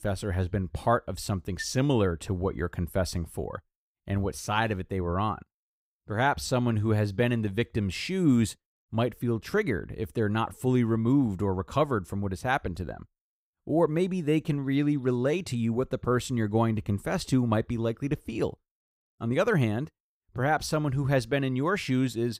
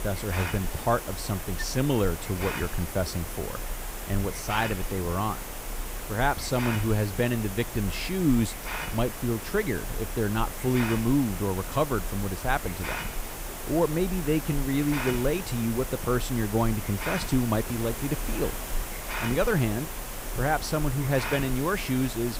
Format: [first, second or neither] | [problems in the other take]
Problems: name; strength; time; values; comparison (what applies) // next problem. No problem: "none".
first | hiss; loud; throughout; 6 dB below the speech